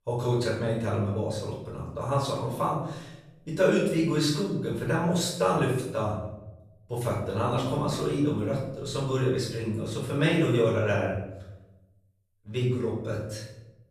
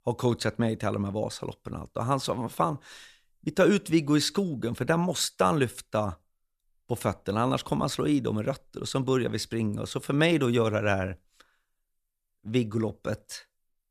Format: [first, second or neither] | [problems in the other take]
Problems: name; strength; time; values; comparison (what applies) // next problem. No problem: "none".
second | off-mic speech; far // room echo; noticeable; dies away in 0.8 s